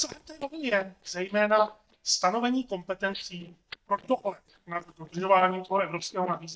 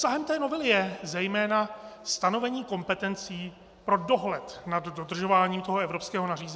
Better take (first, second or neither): second